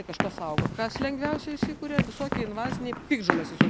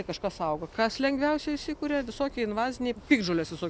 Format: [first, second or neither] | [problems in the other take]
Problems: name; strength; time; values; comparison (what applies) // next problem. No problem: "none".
second | background sound (Run); 3 dB above the speech